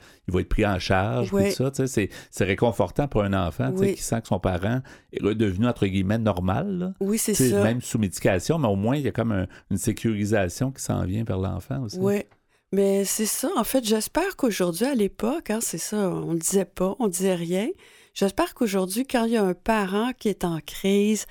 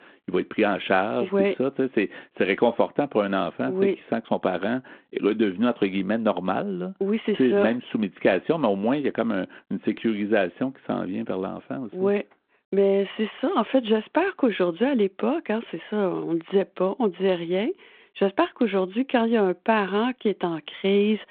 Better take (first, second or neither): first